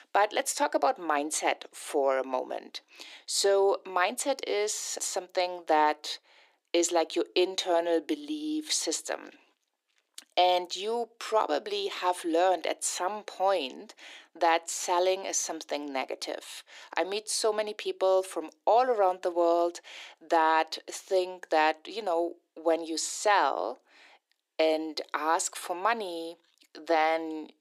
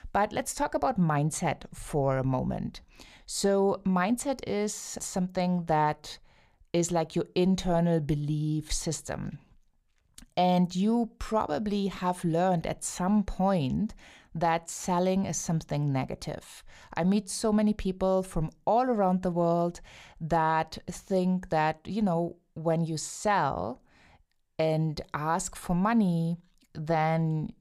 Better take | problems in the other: second | thin; very; fading below 300 Hz

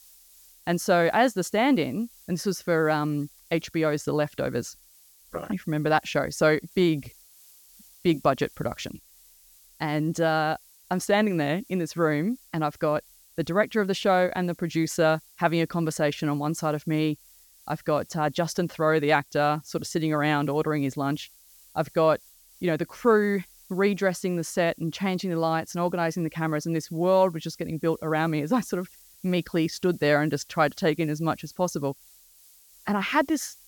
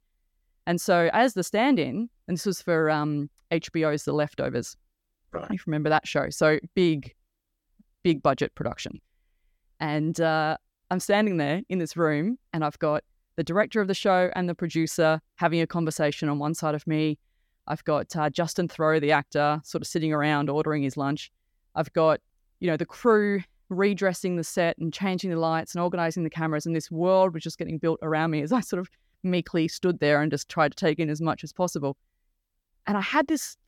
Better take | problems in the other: second | hiss; faint; throughout; 25 dB below the speech

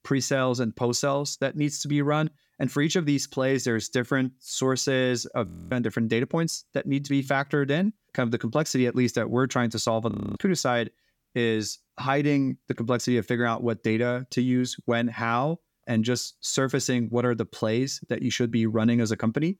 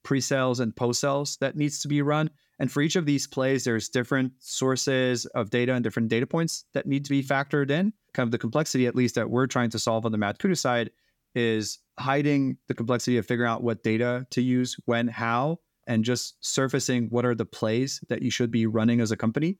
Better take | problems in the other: second | audio freezing; at 5.5 s and at 10 s

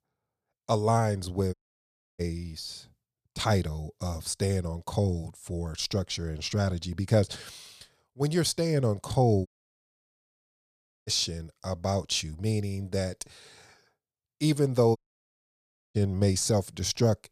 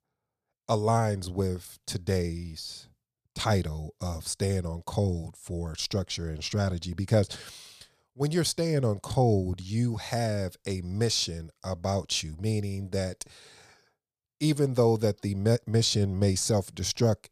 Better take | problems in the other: second | audio cutting out; at 1.5 s for 0.5 s, at 9.5 s for 1.5 s and at 15 s for 1 s

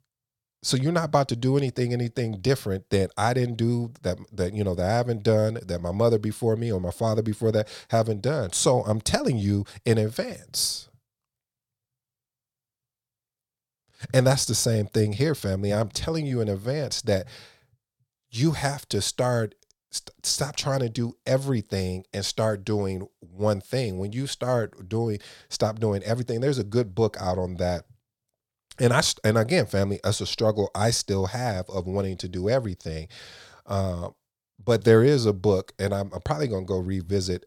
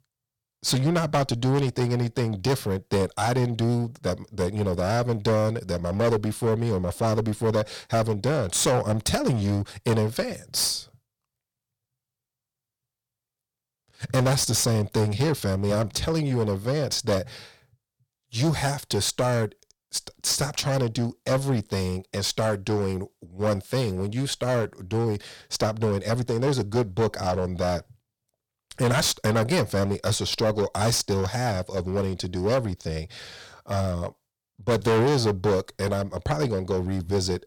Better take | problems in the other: first | distortion; heavy; 10% of the sound clipped

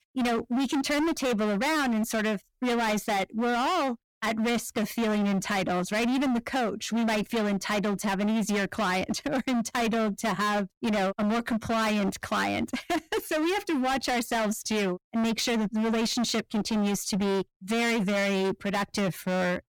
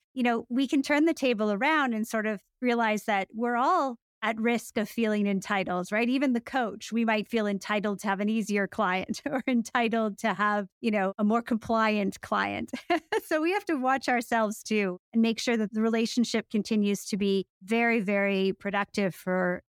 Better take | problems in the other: second | distortion; heavy; 33% of the sound clipped

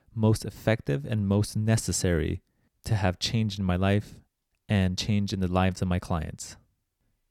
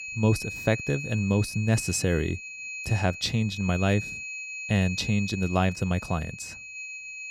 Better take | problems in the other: first | high-pitched whine; loud; throughout; 2.5 kHz, 8 dB below the speech

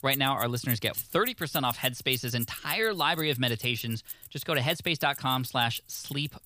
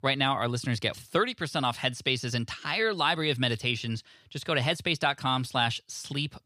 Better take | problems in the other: second | household noises; loud; throughout; 9 dB below the speech

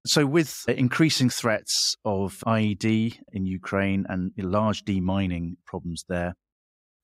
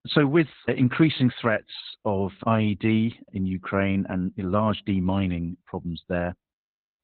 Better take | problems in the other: first | garbled, watery; badly; nothing above 4 kHz

